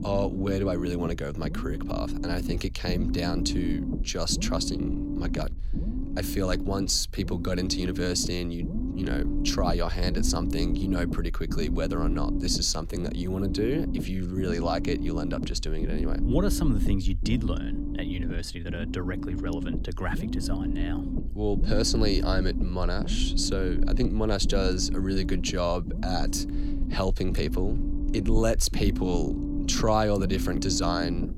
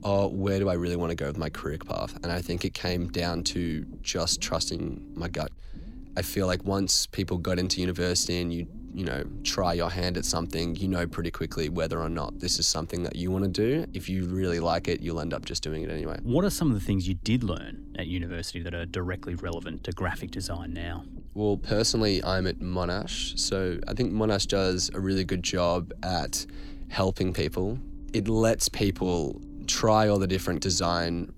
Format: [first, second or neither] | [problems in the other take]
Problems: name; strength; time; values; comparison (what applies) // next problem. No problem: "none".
second | low rumble; loud; throughout; 7 dB below the speech; faint in the second